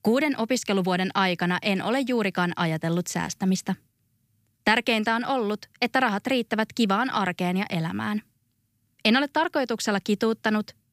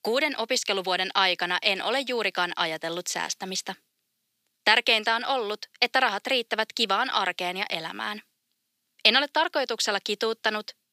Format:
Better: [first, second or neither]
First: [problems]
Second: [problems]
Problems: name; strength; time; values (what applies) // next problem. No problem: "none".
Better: first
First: none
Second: thin; somewhat; fading below 500 Hz